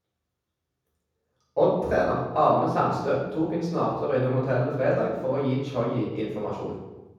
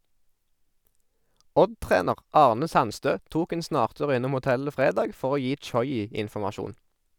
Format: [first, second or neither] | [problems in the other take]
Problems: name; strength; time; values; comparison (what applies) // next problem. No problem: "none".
second | room echo; dies away in 1.1 s